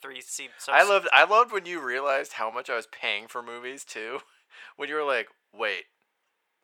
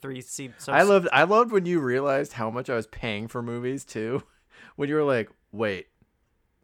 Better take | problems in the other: second | thin; very; fading below 750 Hz

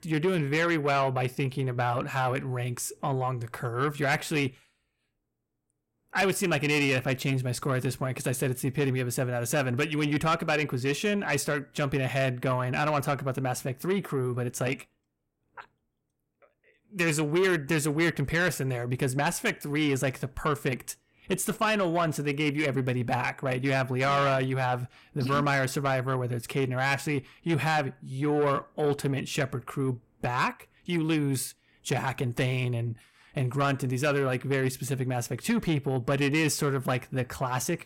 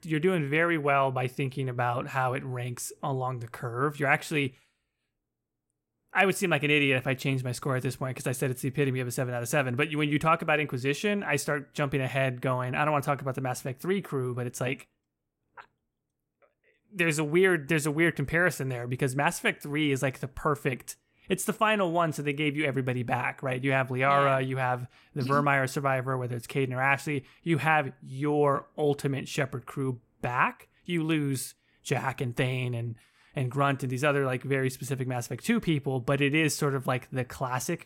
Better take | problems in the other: second | distortion; slight; 10 dB below the speech

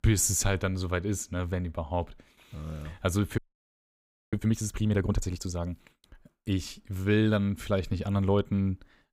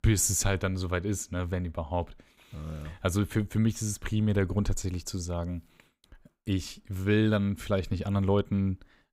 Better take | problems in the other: second | audio freezing; at 3.5 s for 1 s

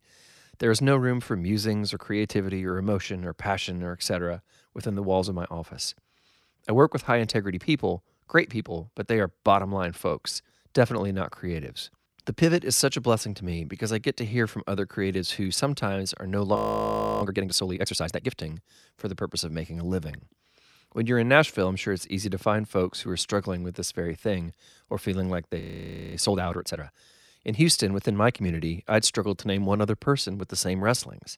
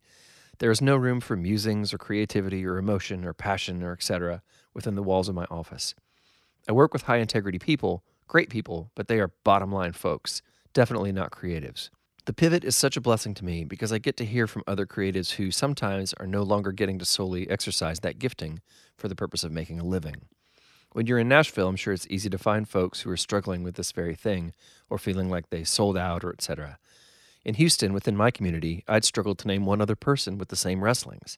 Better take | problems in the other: second | audio freezing; at 17 s for 0.5 s and at 26 s for 0.5 s

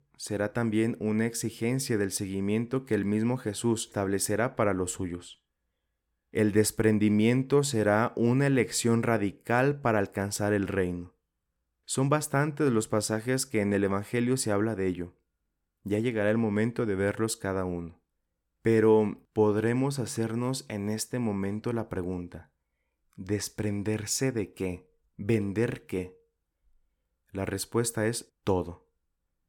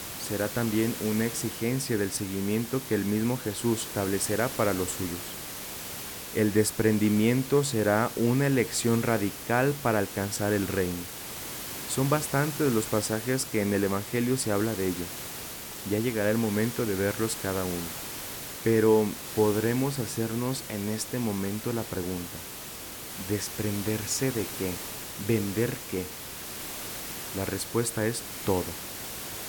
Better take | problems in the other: first | hiss; loud; throughout; 8 dB below the speech

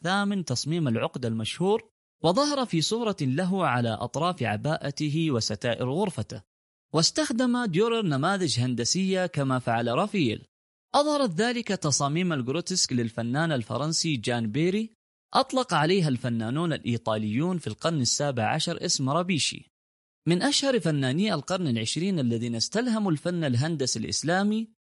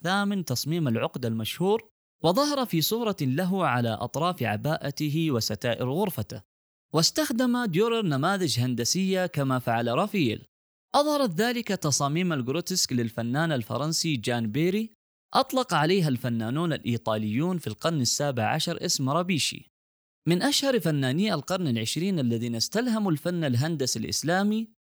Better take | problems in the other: second | garbled, watery; slightly; nothing above 11 kHz

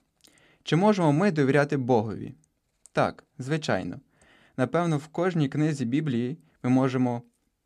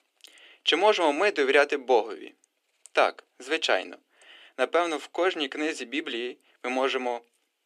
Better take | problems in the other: first | thin; very; fading below 350 Hz

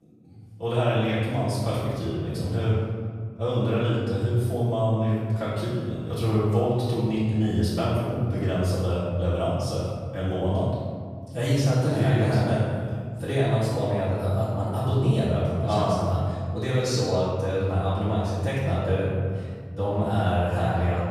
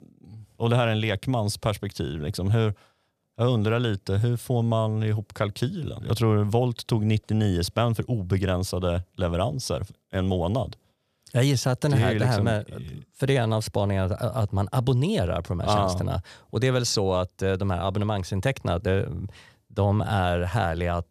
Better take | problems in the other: second | off-mic speech; far // room echo; strong; dies away in 1.8 s

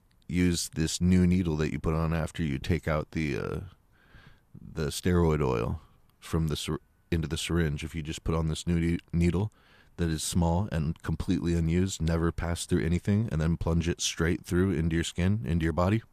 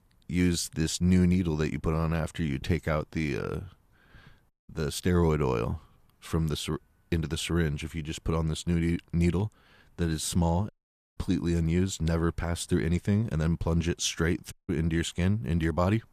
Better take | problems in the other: first | audio cutting out; at 4.5 s, at 11 s and at 15 s

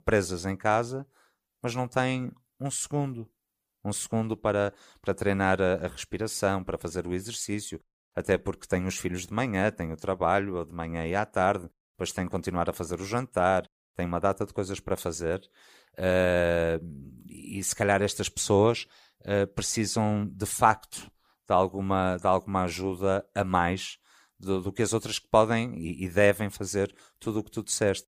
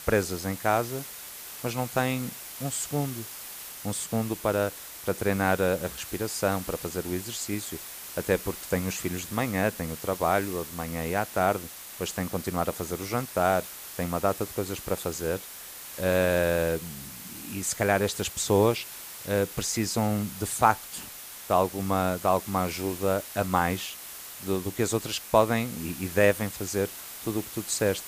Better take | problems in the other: first | hiss; noticeable; throughout; 10 dB below the speech

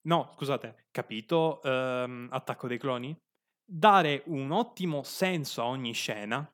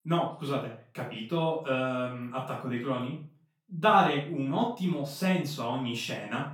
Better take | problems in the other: first | room echo; noticeable; dies away in 0.3 s // off-mic speech; far

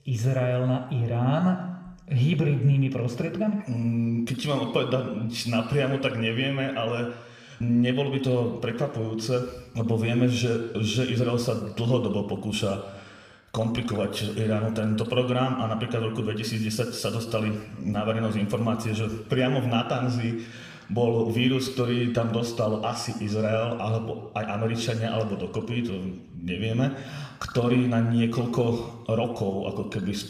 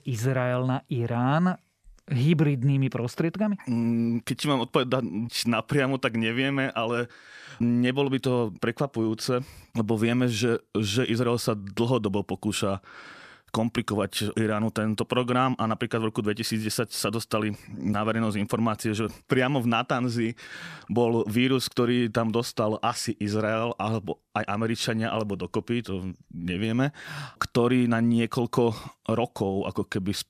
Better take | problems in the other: second | room echo; slight; dies away in 1 s

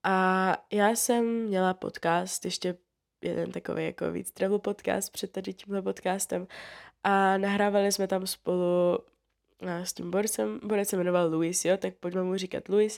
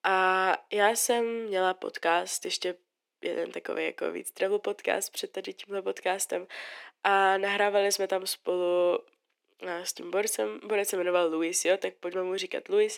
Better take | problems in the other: first | thin; somewhat; fading below 300 Hz

